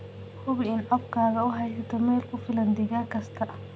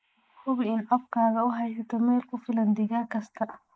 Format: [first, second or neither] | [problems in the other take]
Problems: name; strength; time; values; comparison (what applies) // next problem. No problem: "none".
first | noise reduction (neural mask model Resemble Enhance denoiser)